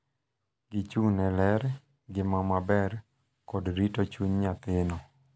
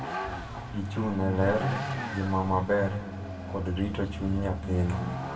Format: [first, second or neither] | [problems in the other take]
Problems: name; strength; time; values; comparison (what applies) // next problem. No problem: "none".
first | background sound (Vehicle); 6 dB below the speech // room echo; dies away in 1.8 s